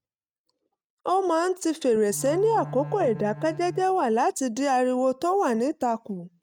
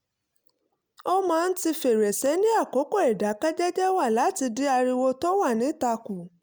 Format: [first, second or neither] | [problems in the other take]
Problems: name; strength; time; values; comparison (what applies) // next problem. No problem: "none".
second | noise reduction (neural mask model RNNoise)